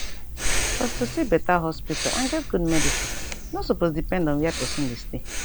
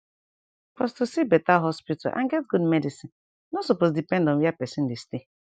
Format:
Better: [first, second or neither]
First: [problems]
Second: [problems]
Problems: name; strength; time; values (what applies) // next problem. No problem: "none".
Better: second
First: background sound (Breathing); 1 dB below the speech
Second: none